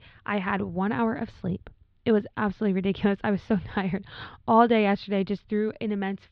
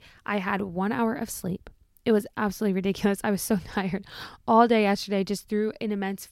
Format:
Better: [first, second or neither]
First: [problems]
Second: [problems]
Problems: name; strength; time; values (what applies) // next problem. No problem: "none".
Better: second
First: muffled; slightly; fading above 3.5 kHz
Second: none